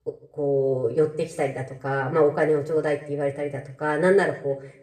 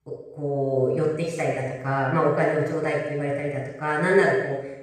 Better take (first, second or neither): first